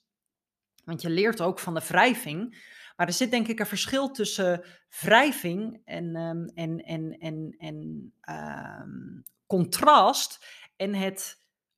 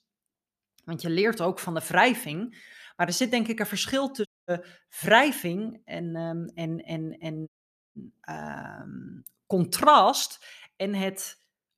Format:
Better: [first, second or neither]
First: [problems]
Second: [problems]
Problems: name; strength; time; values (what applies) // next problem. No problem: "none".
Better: first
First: none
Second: audio cutting out; at 4.5 s and at 7.5 s